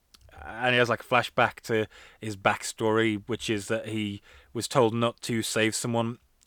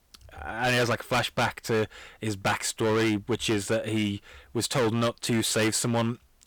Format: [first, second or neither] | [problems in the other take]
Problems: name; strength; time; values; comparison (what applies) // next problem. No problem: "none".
first | distortion; heavy; 13% of the sound clipped